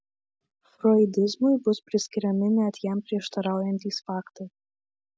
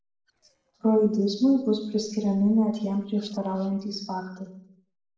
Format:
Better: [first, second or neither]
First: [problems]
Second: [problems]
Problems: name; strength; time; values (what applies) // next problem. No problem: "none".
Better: first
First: none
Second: noise reduction (neural separator model SepFormer DNS4)